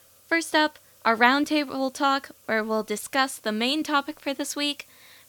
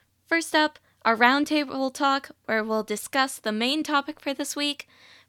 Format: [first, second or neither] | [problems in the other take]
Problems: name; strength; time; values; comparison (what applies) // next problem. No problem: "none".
second | hiss; faint; throughout; 30 dB below the speech